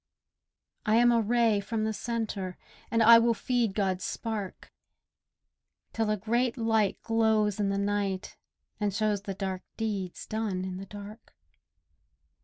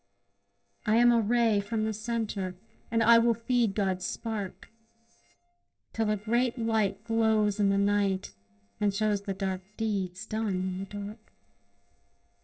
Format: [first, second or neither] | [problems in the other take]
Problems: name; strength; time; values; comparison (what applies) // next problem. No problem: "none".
first | noise reduction (neural separator model SepFormer DNS4)